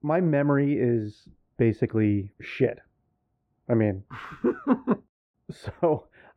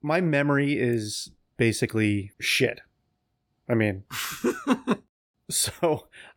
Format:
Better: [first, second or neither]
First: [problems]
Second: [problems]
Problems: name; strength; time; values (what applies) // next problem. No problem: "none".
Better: second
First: muffled; very; fading above 3.5 kHz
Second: none